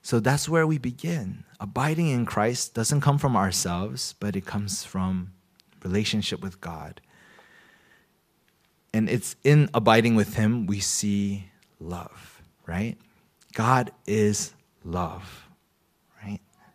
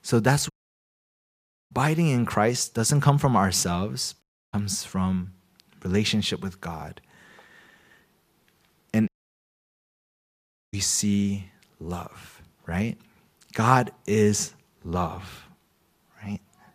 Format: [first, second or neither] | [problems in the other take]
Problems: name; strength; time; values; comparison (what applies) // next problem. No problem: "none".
first | audio cutting out; at 0.5 s for 1 s, at 4 s and at 9 s for 1.5 s